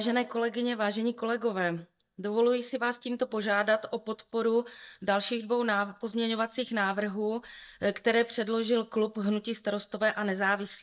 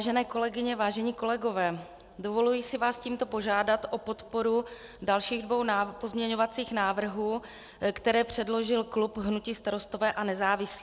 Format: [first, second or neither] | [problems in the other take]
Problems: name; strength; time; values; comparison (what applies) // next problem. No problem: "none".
second | noise reduction (neural mask model DeepFilterNet 3)